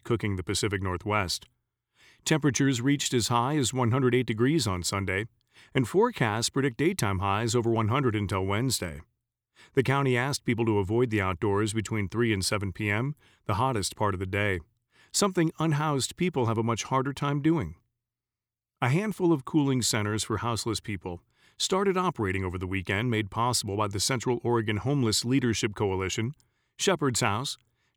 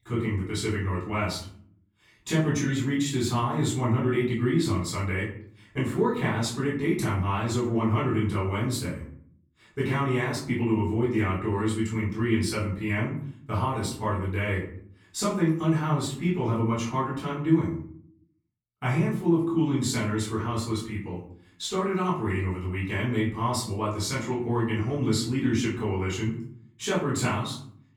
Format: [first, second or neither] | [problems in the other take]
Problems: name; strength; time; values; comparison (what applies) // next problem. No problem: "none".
first | off-mic speech; far // room echo; noticeable; dies away in 0.6 s